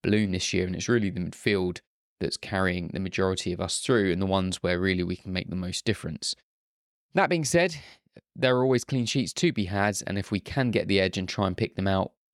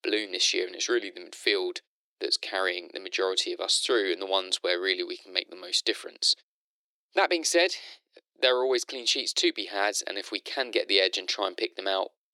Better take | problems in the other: first | thin; very; fading below 350 Hz

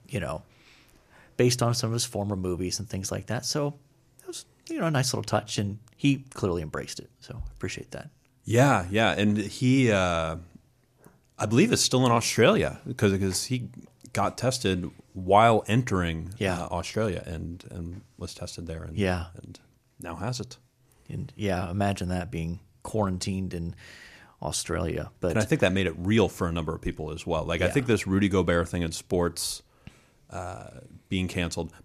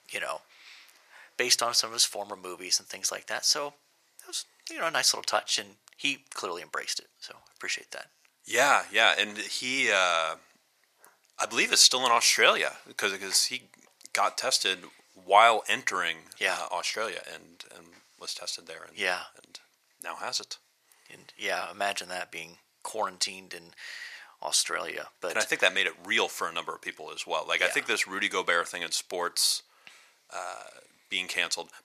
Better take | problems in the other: first | thin; very; fading below 850 Hz

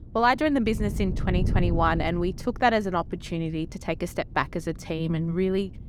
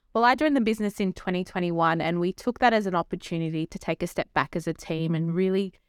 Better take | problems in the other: second | wind noise on the microphone; occasional gusts; 20 dB below the speech

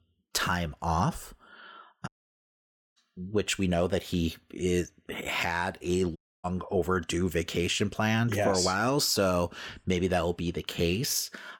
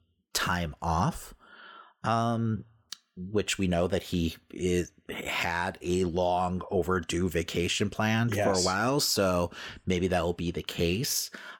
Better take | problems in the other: second | audio cutting out; at 2 s for 1 s and at 6 s

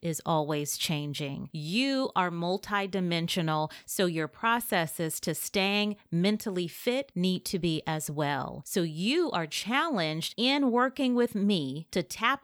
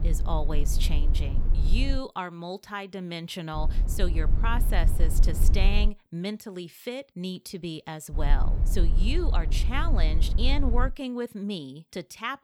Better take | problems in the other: first | low rumble; noticeable; until 2 s, from 3.5 to 6 s and from 8 to 11 s; 10 dB below the speech

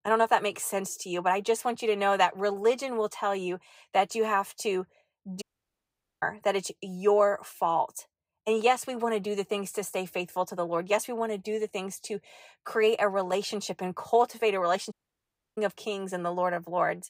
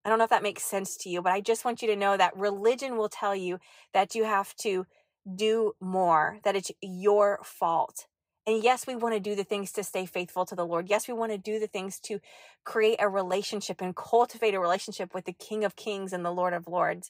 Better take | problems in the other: second | audio cutting out; at 5.5 s for 1 s and at 15 s for 0.5 s

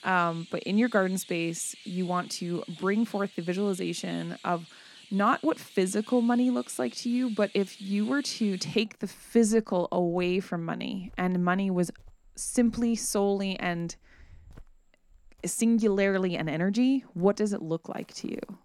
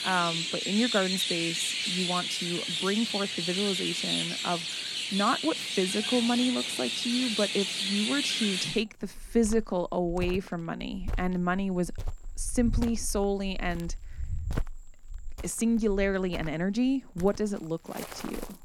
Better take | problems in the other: first | animal sounds; loud; throughout; as loud as the speech; faint in the first

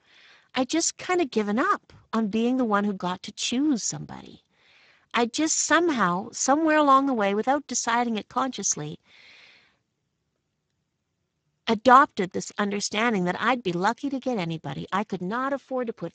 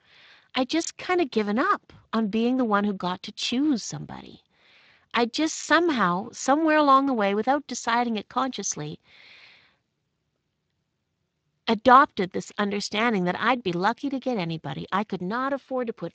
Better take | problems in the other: second | garbled, watery; badly; nothing above 7.5 kHz; slightly in the second

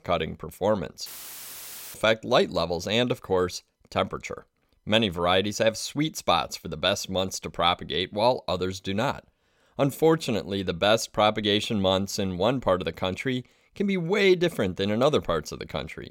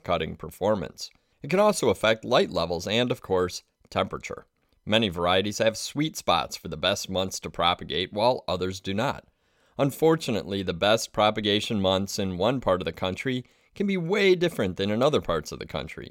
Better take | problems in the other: second | audio cutting out; filled with static; at 1 s for 1 s

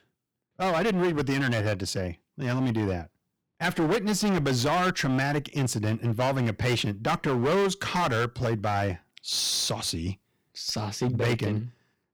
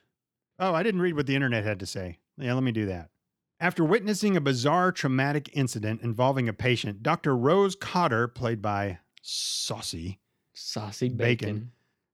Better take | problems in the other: second | distortion; heavy; 14% of the sound clipped

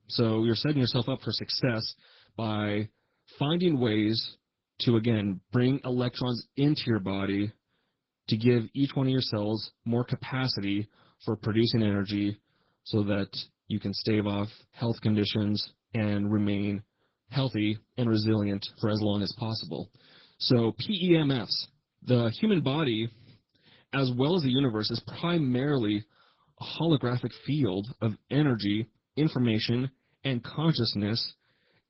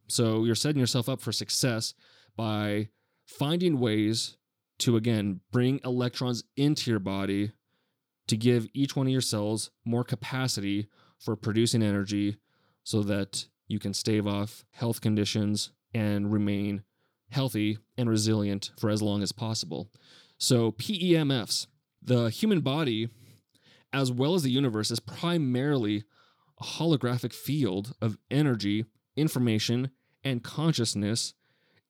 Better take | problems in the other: second | garbled, watery; badly; nothing above 5.5 kHz

